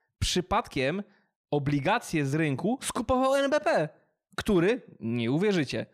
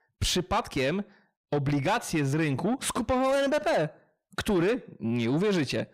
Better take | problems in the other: first | distortion; slight; 10 dB below the speech

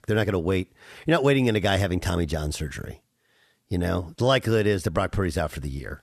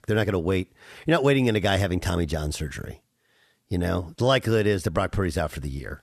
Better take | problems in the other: neither | none

